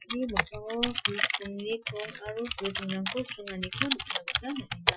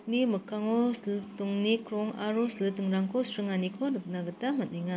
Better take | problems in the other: second | noise reduction (classical method Wiener filter)

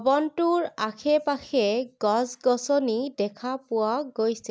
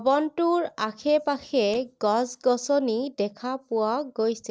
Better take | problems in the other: first | noise reduction (neural separator model SepFormer DNS4)

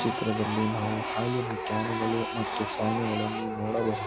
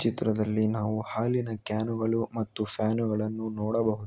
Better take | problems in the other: second | background sound (Printer); 3 dB below the speech

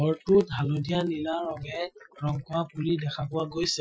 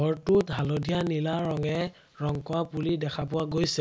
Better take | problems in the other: second | noise reduction (classical method Wiener filter)

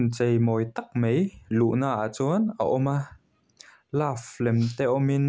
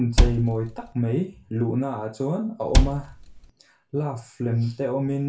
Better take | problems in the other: first | background sound (Cupboard open or close); 4 dB above the speech // room echo; dies away in 0.3 s

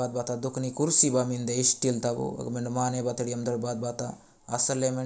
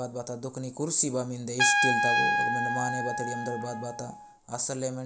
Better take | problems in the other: first | background sound (Trumpet); 2 dB above the speech

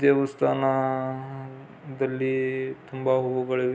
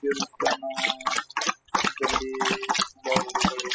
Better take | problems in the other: first | noise reduction (classical method spectral subtraction)

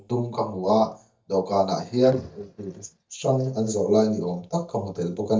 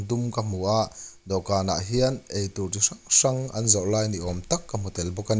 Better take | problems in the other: second | noise reduction (neural mask model DeepFilterNet 3)

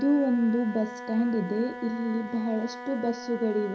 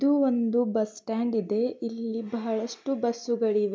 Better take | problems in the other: second | background sound (Wind instrument, woodwind instrument); 12 dB below the speech // room echo; dies away in 0.4 s

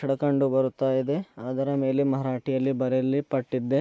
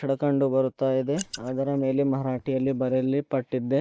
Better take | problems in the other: first | noise reduction (neural mask model DeepFilterNet 3)

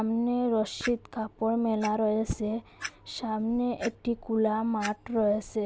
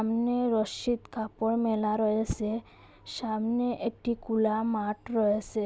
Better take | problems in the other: second | background sound (Clock); 18 dB below the speech

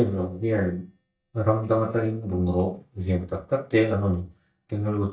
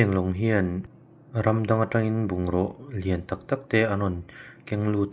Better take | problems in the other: second | noise reduction (neural mask model DeepFilterNet 3)

